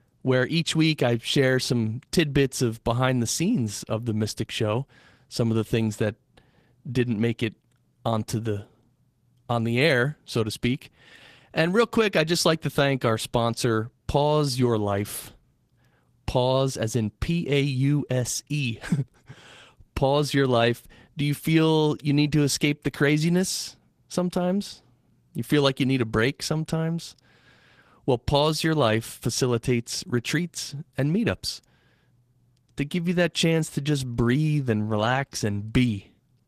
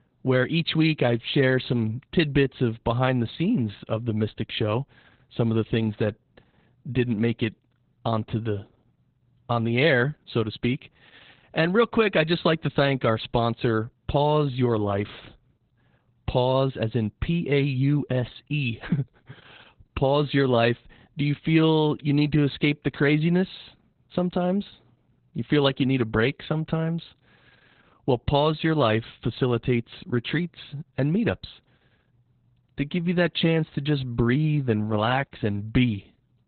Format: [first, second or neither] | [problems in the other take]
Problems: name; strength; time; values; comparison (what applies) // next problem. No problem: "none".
first | garbled, watery; badly; nothing above 4 kHz; slightly in the first